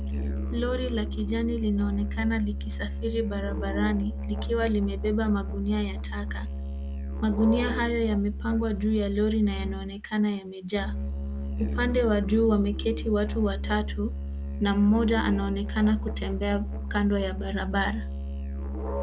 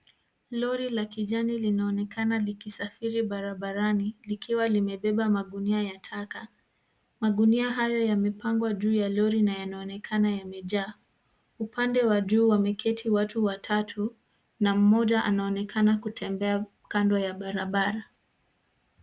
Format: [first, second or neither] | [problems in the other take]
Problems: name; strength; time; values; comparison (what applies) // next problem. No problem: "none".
second | background sound (Musical instrument); 4 dB below the speech